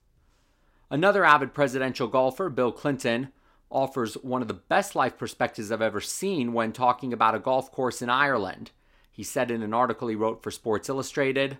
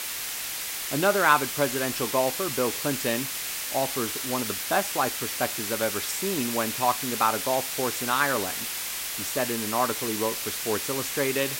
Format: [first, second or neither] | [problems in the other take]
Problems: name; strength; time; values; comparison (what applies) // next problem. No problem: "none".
first | hiss; loud; throughout; 2 dB below the speech